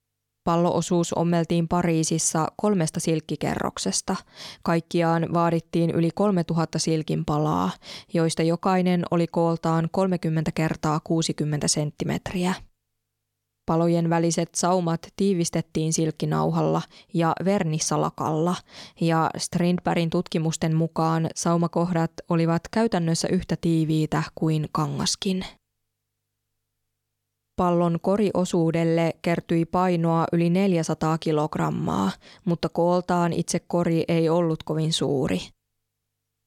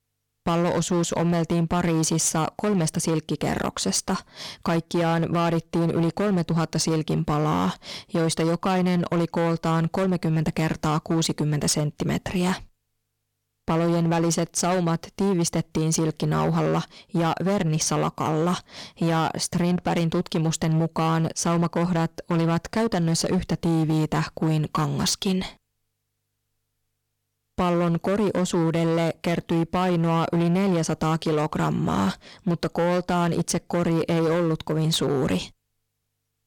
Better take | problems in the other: first | distortion; slight; 17% of the sound clipped

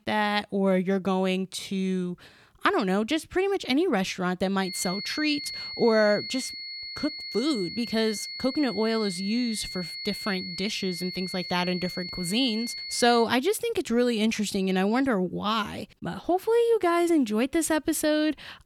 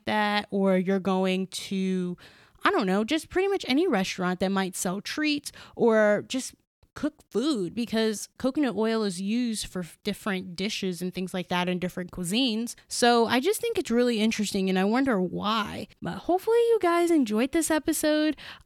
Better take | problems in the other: second | high-pitched whine; loud; from 4.5 to 13 s; 4.5 kHz, 8 dB below the speech

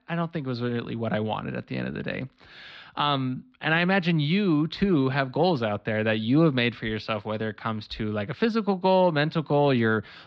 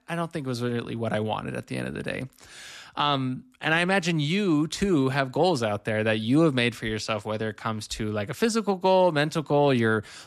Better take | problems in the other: second | muffled; very slightly; fading above 4 kHz

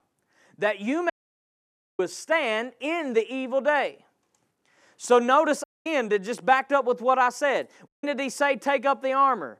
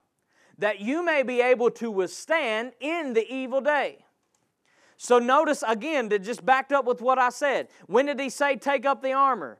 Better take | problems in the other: second | audio cutting out; at 1 s for 1 s, at 5.5 s and at 8 s

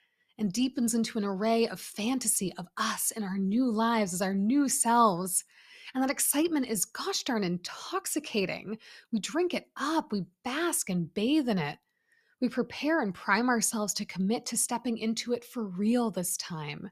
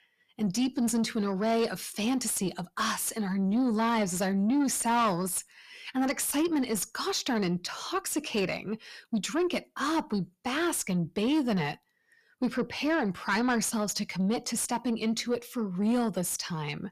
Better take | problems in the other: first | distortion; slight; 10 dB below the speech

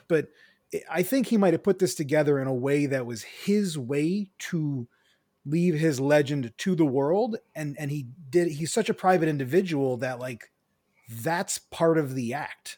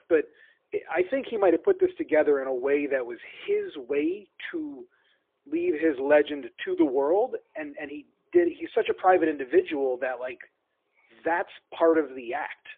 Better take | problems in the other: first | phone-call audio; poor line

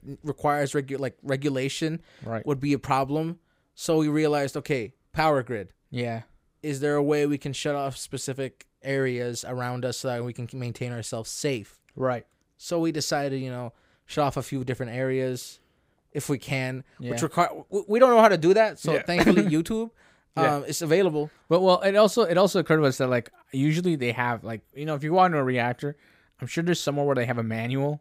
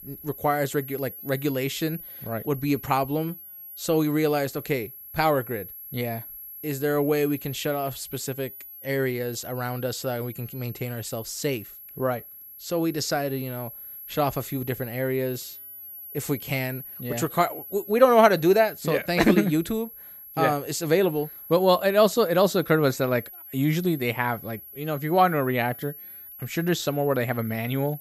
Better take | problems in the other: first | high-pitched whine; noticeable; throughout; 11.5 kHz, 15 dB below the speech

